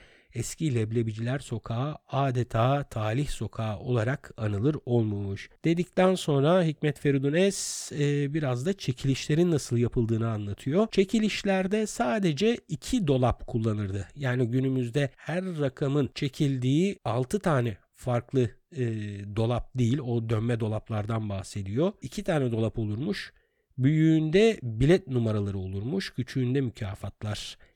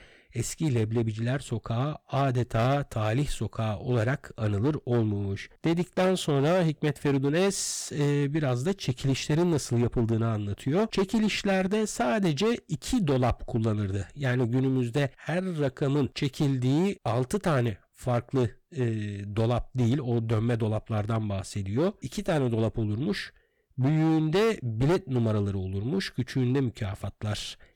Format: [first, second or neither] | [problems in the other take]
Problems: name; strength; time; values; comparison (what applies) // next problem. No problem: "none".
first | distortion; slight; 9% of the sound clipped